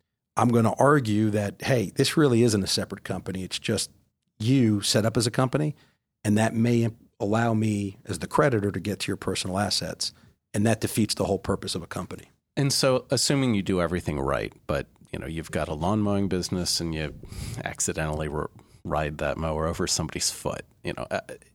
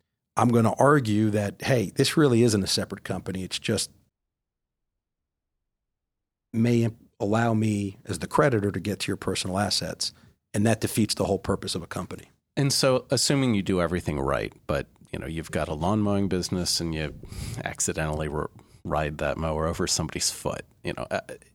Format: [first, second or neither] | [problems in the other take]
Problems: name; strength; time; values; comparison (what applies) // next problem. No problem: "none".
first | audio cutting out; at 4 s for 2.5 s